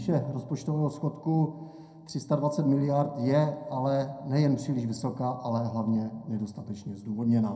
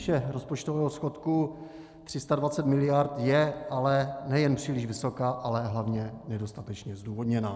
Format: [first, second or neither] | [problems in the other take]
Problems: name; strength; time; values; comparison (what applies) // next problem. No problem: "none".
second | room echo; dies away in 0.2 s